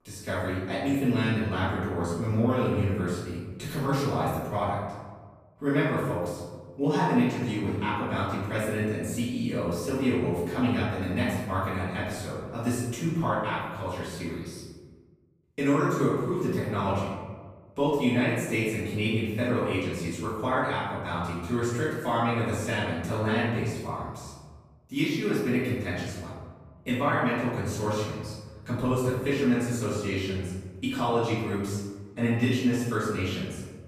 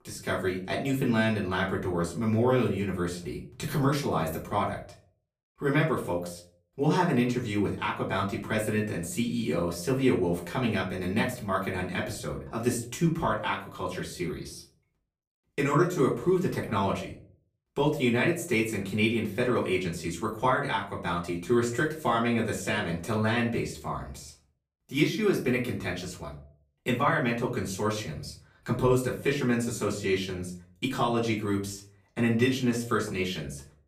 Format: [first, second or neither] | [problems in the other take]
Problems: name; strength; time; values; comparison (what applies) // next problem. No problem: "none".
second | room echo; strong; dies away in 1.3 s; slight in the second // off-mic speech; far; far in the second